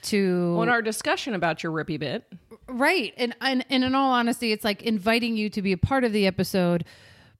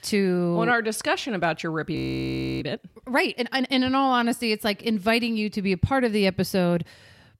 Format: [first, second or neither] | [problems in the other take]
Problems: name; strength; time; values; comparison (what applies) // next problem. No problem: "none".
first | audio freezing; at 2 s for 0.5 s